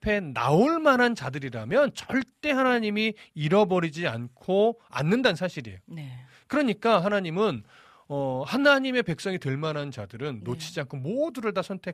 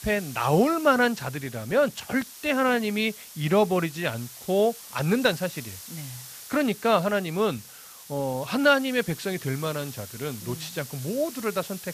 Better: first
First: none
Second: hiss; noticeable; throughout; 15 dB below the speech

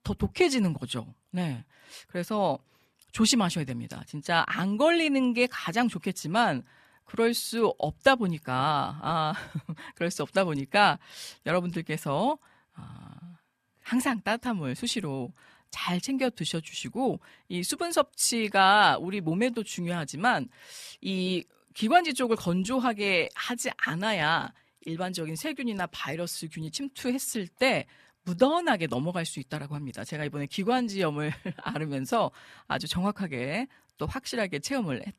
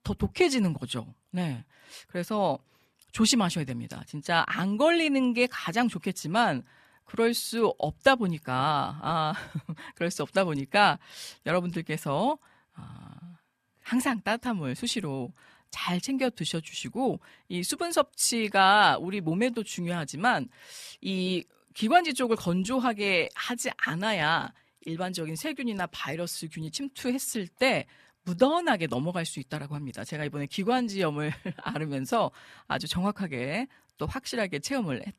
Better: neither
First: none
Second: none

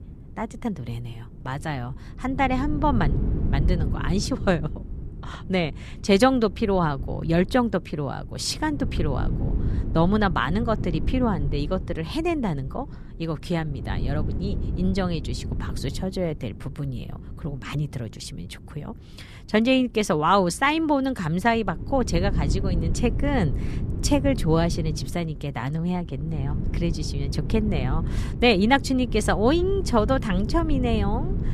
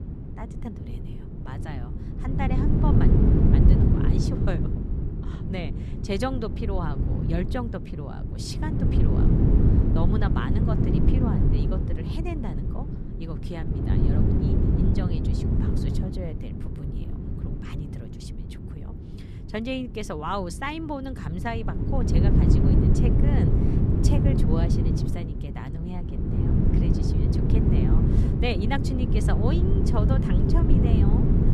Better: first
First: wind noise on the microphone; occasional gusts; 15 dB below the speech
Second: wind noise on the microphone; heavy; 1 dB above the speech

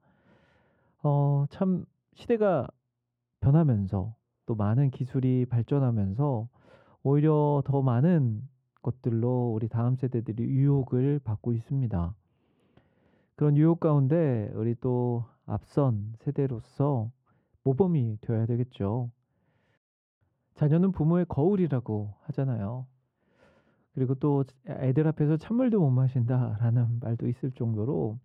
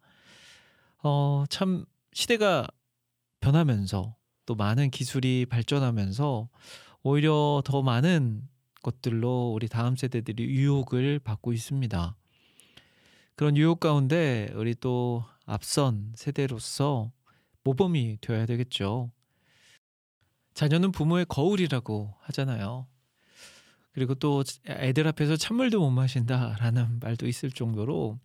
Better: second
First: muffled; very; fading above 2 kHz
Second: none

